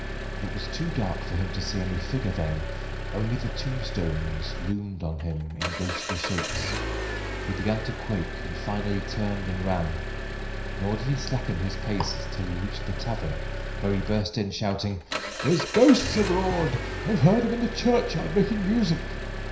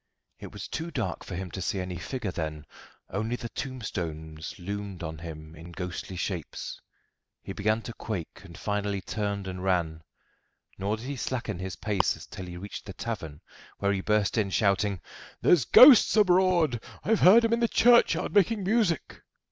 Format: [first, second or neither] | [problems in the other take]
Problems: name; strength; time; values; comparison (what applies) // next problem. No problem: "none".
second | background sound (Engine); 4 dB below the speech // room echo; dies away in 0.5 s